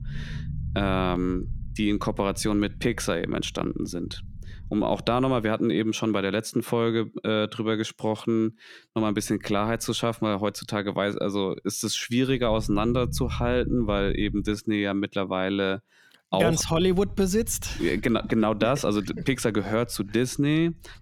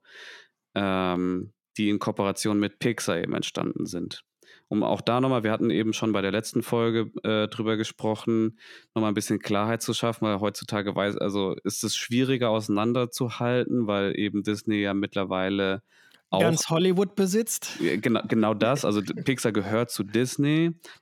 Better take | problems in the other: second | low rumble; faint; until 5.5 s, from 9 to 15 s and from 16 s on; 25 dB below the speech

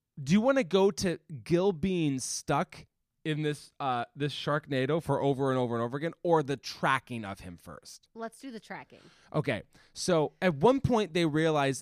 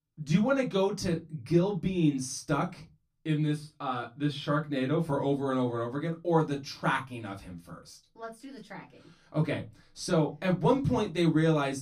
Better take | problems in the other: first | off-mic speech; far // room echo; very slight; dies away in 0.2 s

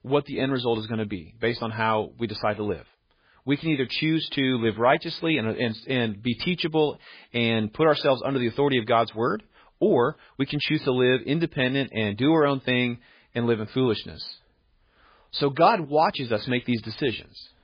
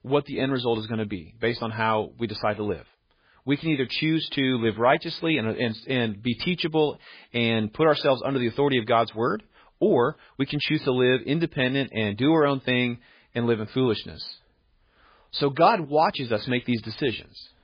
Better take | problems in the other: neither | garbled, watery; badly; the same in both

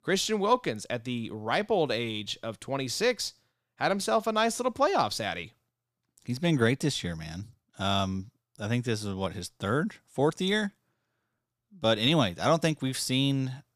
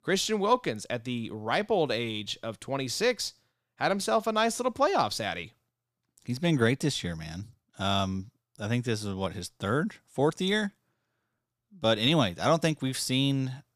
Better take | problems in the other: neither | none

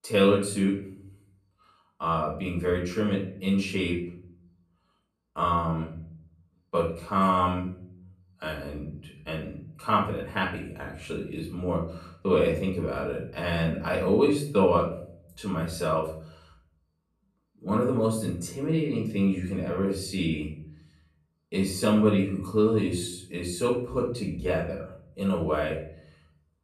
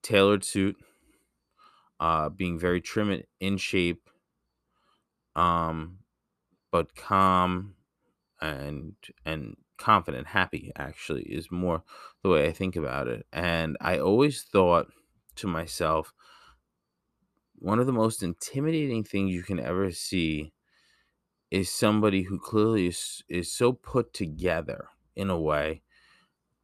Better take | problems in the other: second | off-mic speech; far // room echo; slight; dies away in 0.5 s

